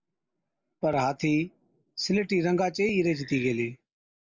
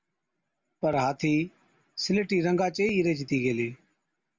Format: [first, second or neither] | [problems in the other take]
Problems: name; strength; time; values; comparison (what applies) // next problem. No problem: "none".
second | noise reduction (neural mask model Resemble Enhance denoiser)